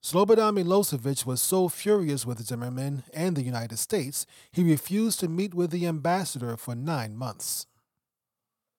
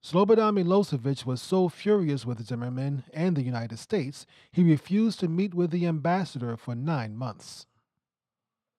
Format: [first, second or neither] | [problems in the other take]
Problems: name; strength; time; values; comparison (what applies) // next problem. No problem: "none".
first | muffled; very slightly; fading above 3 kHz